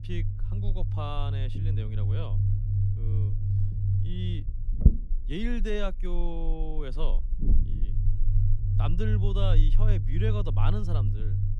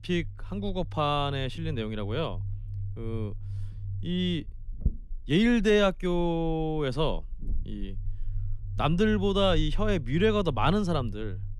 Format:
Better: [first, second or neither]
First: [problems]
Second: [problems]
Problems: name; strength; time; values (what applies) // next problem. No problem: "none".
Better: second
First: low rumble; loud; throughout; 4 dB below the speech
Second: low rumble; faint; throughout; 25 dB below the speech